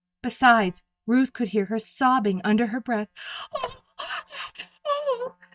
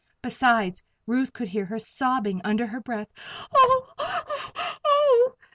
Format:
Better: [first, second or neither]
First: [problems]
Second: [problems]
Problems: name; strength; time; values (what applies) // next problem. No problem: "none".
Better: second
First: noise reduction (neural mask model DeepFilterNet 3)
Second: none